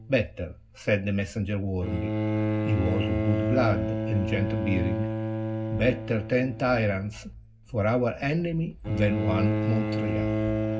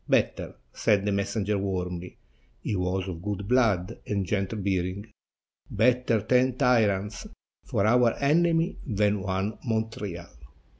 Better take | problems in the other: second | background sound (Bowed string instrument); 2 dB below the speech // room echo; dies away in 0.4 s

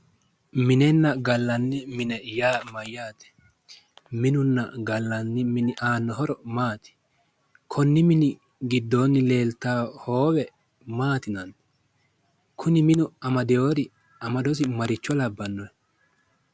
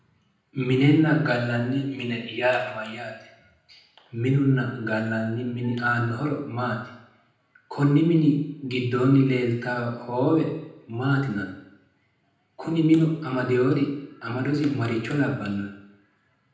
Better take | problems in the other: first | room echo; dies away in 0.8 s

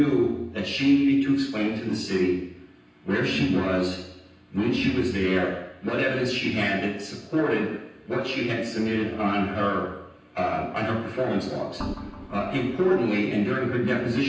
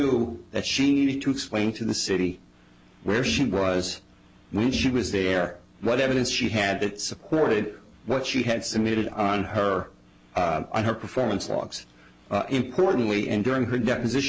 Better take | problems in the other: second | background sound (Organ); 11 dB below the speech // room echo; dies away in 0.9 s

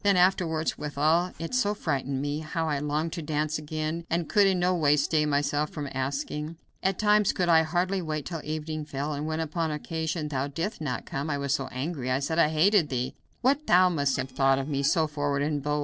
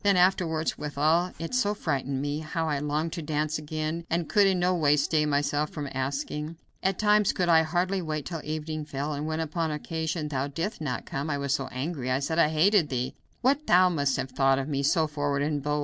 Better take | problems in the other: second | noise reduction (neural separator model SepFormer DNS4)

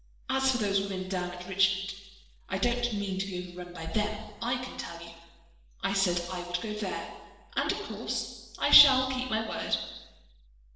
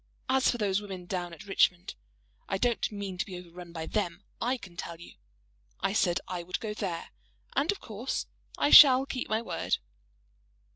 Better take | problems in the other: second | room echo; dies away in 1.1 s

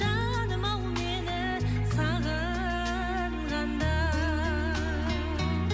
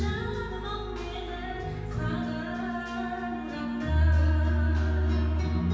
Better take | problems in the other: first | room echo; dies away in 1.1 s

